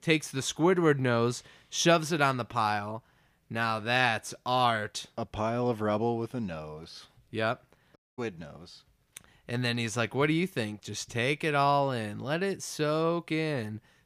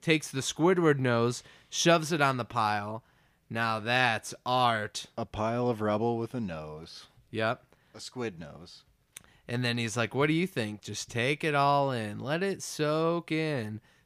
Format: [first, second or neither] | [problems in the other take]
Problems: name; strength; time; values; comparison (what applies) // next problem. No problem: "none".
second | audio cutting out; at 8 s